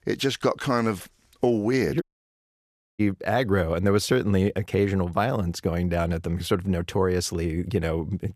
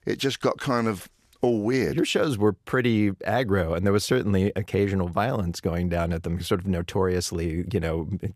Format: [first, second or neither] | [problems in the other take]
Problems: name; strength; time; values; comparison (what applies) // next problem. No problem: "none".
second | audio cutting out; at 2 s for 1 s